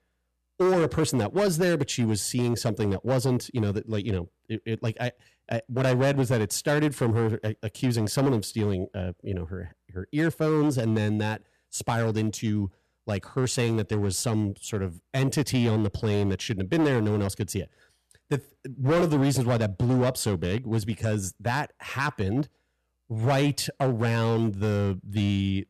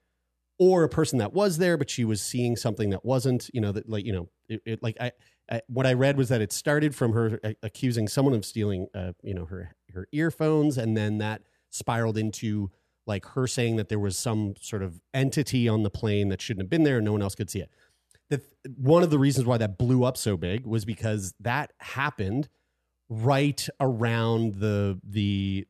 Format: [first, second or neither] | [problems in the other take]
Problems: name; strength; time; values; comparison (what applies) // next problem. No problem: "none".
second | distortion; slight; 8% of the sound clipped